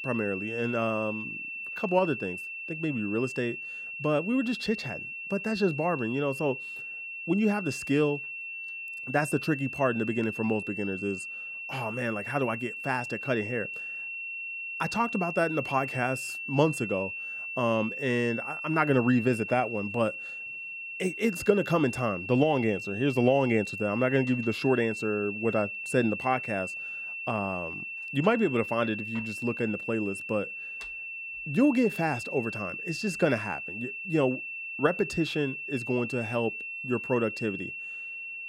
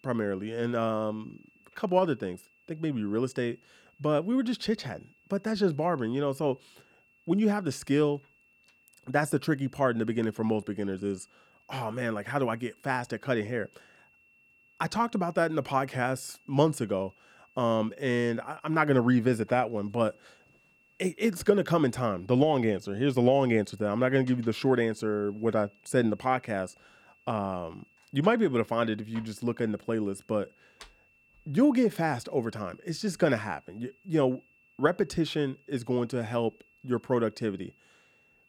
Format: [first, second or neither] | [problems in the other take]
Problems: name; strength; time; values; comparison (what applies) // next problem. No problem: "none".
second | high-pitched whine; loud; throughout; 2.5 kHz, 6 dB below the speech; faint in the second